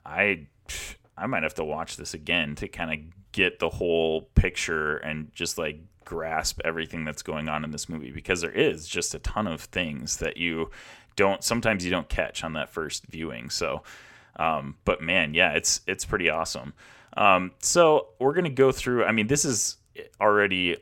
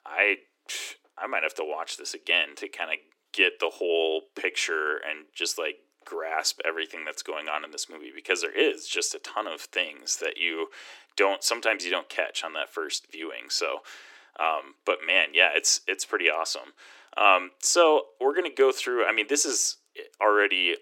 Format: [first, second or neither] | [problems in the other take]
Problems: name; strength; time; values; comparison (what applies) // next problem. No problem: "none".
first | thin; somewhat; fading below 300 Hz